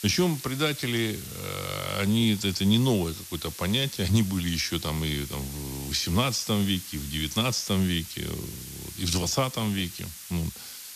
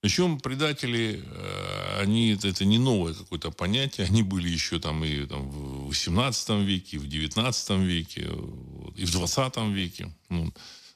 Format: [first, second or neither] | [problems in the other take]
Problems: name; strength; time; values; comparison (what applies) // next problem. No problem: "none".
second | hiss; noticeable; throughout; 10 dB below the speech